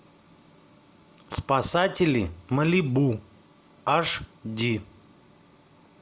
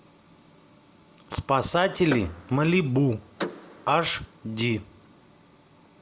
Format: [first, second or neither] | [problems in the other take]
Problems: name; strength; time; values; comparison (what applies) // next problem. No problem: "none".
first | background sound (Door / Car); 13 dB below the speech